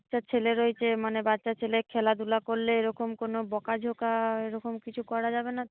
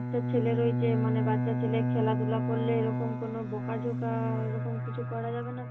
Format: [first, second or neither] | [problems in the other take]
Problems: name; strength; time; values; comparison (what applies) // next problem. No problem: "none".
first | background sound (Bowed string instrument); 3 dB above the speech // room echo; dies away in 0.2 s